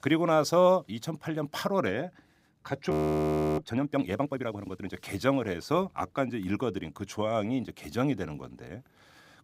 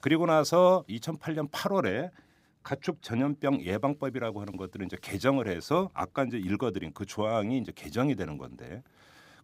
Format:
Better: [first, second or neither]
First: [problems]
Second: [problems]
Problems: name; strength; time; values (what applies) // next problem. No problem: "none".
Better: second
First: audio freezing; at 3 s for 0.5 s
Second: none